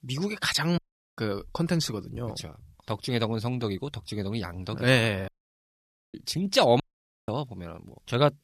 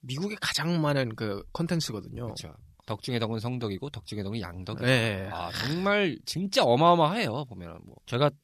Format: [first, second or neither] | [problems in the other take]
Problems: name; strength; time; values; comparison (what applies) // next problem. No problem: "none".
second | audio cutting out; at 1 s, at 5.5 s for 1 s and at 7 s